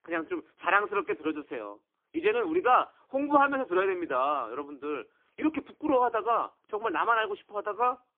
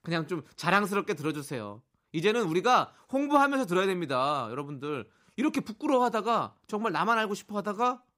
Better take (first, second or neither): second